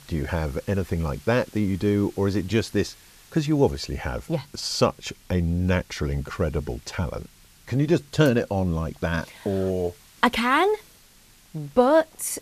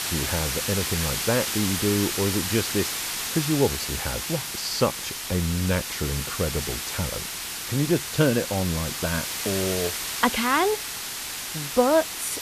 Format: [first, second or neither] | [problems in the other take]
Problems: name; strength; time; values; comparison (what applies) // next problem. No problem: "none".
first | hiss; loud; throughout; 2 dB below the speech; faint in the first